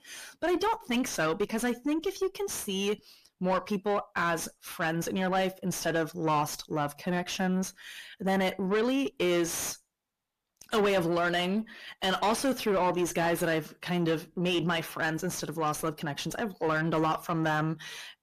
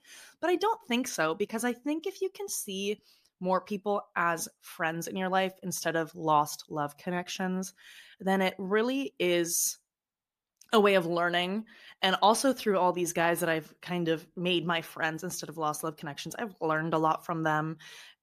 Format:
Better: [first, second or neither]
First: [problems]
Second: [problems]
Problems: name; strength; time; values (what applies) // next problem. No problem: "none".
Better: second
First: distortion; heavy; 7 dB below the speech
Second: none